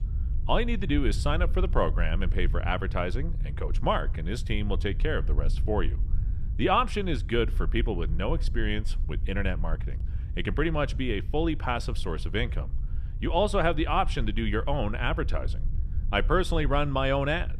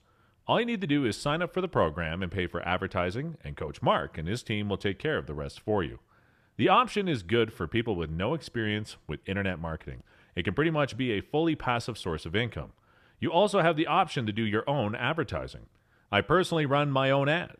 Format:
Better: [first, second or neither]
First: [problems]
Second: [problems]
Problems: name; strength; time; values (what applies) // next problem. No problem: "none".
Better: second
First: low rumble; faint; throughout; 20 dB below the speech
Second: none